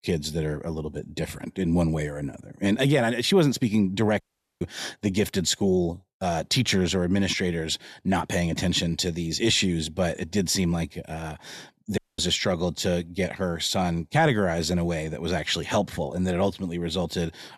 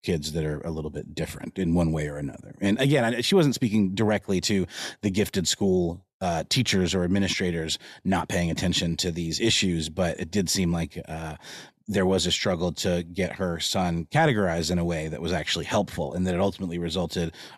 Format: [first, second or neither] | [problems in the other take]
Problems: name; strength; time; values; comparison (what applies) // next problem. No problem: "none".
second | audio cutting out; at 4 s and at 12 s